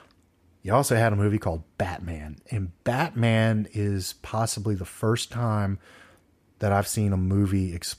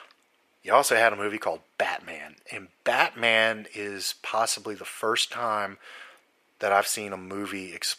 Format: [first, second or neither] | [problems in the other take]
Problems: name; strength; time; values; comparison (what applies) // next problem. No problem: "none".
first | thin; very; fading below 550 Hz